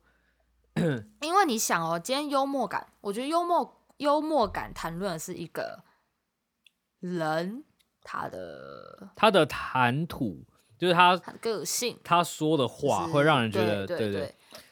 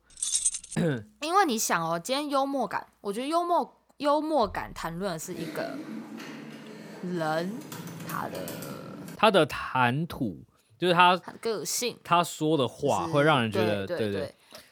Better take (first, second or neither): first